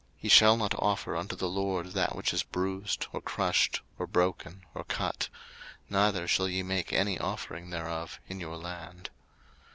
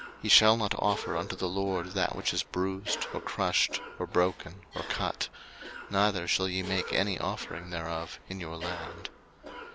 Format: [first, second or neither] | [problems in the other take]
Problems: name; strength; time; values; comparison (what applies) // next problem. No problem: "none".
first | background sound (Cough); 14 dB below the speech